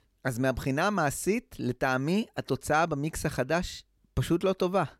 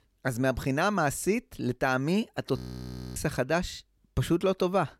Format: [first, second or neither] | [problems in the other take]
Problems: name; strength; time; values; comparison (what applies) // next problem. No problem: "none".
first | audio freezing; at 2.5 s for 0.5 s